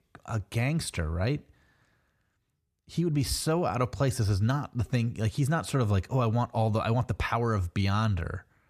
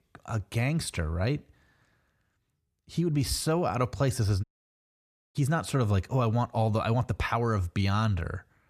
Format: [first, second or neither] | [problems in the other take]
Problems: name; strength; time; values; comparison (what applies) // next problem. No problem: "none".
first | audio cutting out; at 4.5 s for 1 s